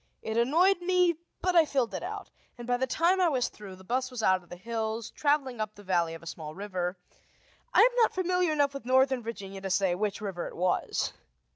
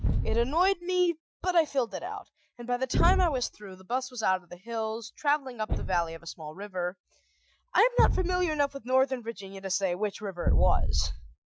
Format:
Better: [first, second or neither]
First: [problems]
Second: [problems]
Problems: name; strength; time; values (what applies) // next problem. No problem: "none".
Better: first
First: none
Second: noise reduction (classical method Wiener filter)